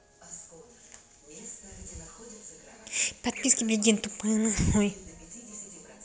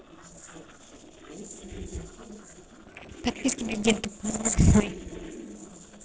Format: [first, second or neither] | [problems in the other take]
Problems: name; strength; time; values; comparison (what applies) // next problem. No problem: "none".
first | noise reduction (neural separator model SepFormer DNS4)